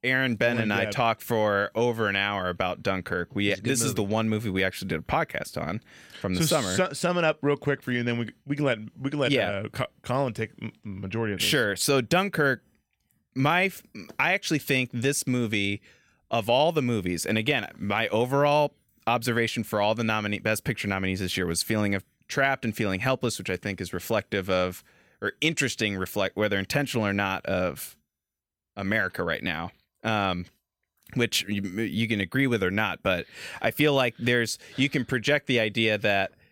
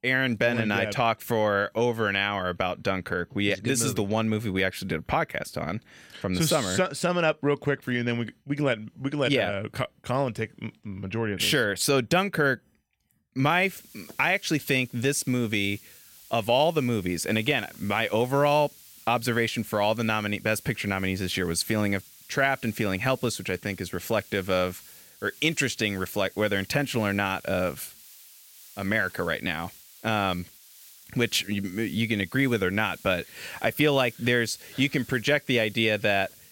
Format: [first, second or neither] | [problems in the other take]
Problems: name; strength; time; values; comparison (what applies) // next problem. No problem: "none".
first | hiss; faint; from 14 s on; 20 dB below the speech